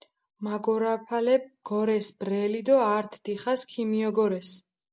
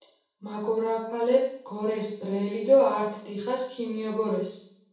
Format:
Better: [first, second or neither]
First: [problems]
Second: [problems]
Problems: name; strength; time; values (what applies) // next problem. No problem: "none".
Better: first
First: none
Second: room echo; dies away in 0.7 s